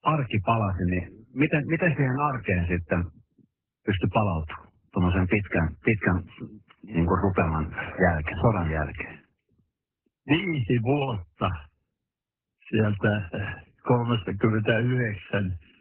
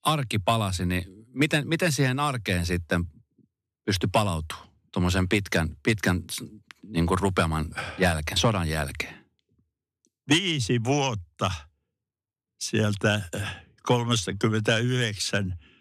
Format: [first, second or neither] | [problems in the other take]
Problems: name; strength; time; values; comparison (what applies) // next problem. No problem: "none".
second | garbled, watery; badly; nothing above 3 kHz